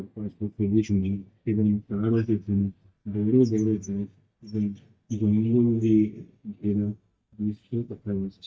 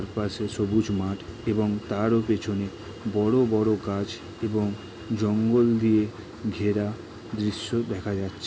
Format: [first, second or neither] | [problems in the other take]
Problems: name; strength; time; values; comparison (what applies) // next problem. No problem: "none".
second | noise reduction (neural mask model DeepFilterNet 3)